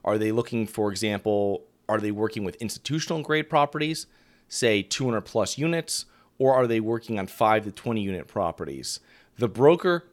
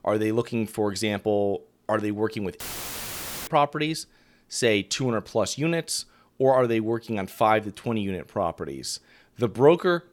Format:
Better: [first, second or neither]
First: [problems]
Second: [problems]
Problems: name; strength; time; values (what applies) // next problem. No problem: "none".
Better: first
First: none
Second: audio cutting out; filled with static; at 2.5 s for 1 s